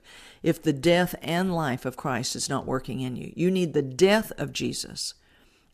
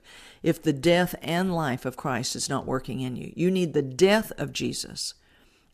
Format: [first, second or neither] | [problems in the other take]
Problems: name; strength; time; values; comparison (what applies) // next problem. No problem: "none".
neither | none